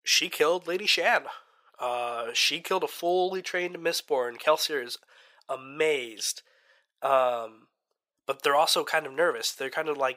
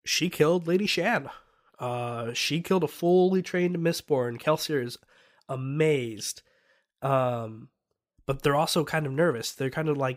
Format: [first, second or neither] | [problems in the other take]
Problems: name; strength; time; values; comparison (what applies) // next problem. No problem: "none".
second | thin; very; fading below 650 Hz